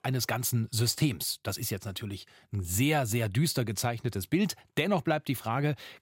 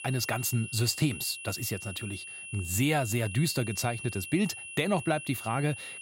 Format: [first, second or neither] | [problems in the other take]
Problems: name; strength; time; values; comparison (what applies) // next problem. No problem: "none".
first | high-pitched whine; loud; throughout; 2.5 kHz, 10 dB below the speech